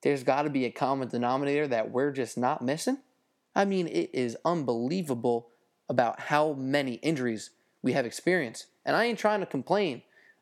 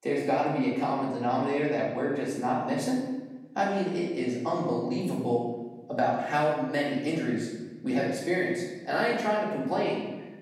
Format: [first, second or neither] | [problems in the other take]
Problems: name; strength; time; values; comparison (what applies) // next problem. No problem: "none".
first | off-mic speech; far // room echo; noticeable; dies away in 1 s